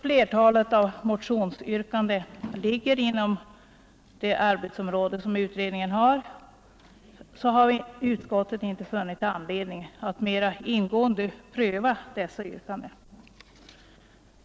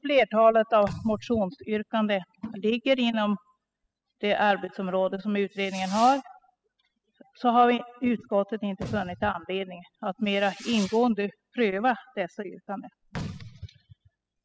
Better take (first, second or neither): first